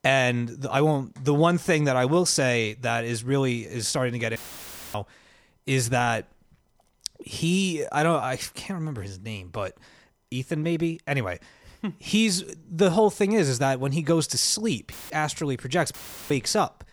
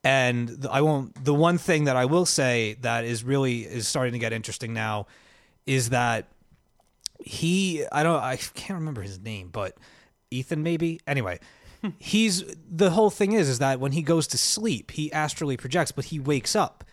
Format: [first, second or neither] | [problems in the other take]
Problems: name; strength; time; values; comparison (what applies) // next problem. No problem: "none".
second | audio cutting out; filled with static; at 4.5 s for 0.5 s, at 15 s and at 16 s